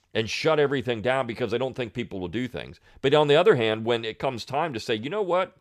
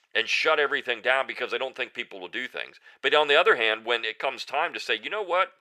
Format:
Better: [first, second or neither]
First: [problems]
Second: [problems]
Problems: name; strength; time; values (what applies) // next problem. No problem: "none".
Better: first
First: none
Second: thin; very; fading below 550 Hz